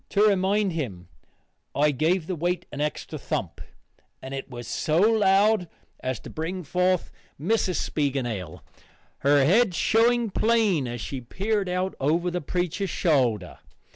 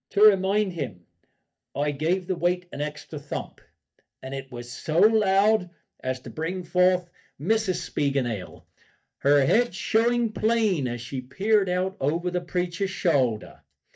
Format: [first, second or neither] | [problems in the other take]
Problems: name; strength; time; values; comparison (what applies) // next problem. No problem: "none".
first | noise reduction (neural mask model DeepFilterNet 3)